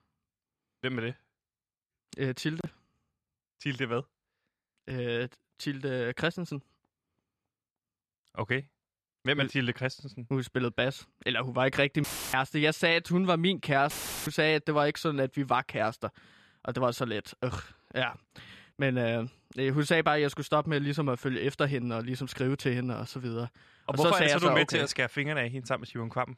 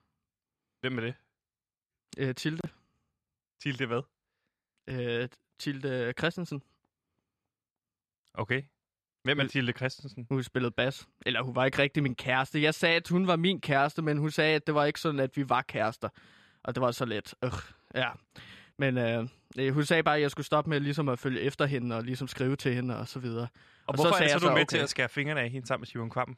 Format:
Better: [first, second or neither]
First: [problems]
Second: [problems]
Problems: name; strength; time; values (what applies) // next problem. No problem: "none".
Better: second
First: audio cutting out; filled with static; at 12 s and at 14 s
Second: none